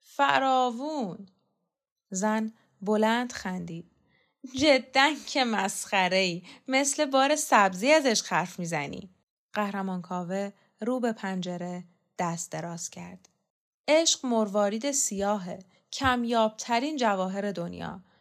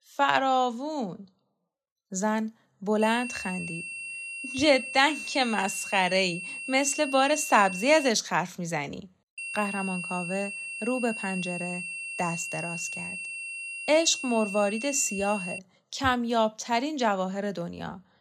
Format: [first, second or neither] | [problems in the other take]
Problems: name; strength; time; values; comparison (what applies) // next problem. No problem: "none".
first | high-pitched whine; loud; from 3 to 8 s and from 9.5 to 16 s; 2.5 kHz, 7 dB below the speech